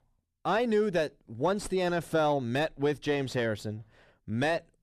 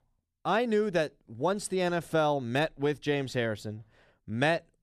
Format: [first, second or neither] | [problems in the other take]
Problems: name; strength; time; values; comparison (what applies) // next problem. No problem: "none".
second | distortion; slight; 10 dB below the speech